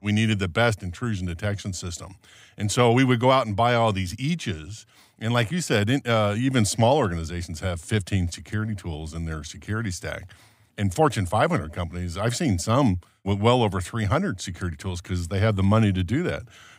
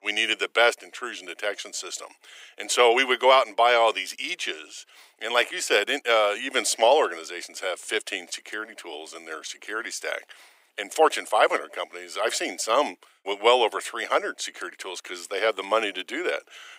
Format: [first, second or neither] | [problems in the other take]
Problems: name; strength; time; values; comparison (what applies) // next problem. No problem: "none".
first | thin; very; fading below 350 Hz